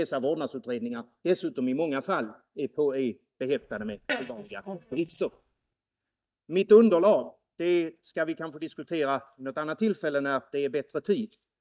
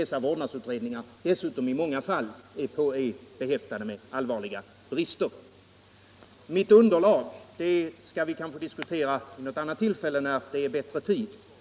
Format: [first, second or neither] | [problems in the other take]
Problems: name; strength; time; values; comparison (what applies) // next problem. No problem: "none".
second | noise reduction (neural mask model DeepFilterNet 3)